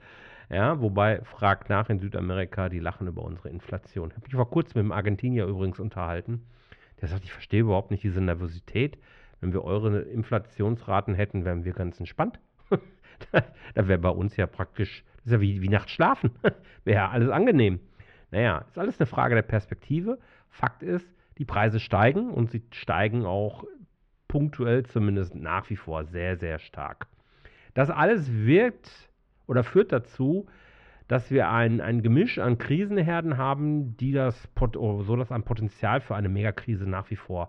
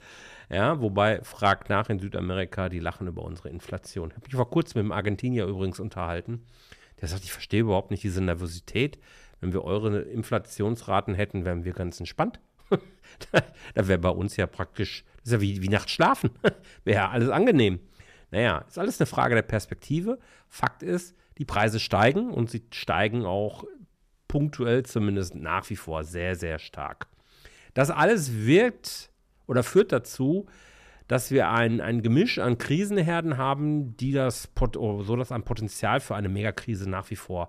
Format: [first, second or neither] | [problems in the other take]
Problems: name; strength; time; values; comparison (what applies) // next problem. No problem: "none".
second | muffled; very; fading above 3 kHz